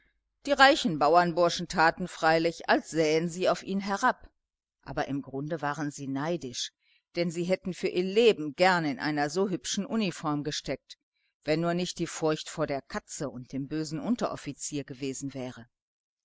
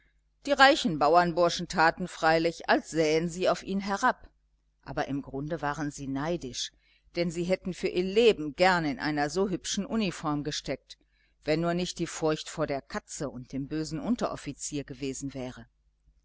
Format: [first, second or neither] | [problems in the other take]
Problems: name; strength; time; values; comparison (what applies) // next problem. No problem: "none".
second | noise reduction (neural mask model Resemble Enhance denoiser)